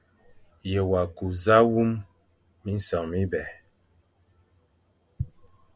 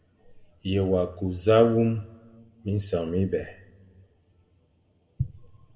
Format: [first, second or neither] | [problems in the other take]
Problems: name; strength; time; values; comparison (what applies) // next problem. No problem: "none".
first | room echo; dies away in 1 s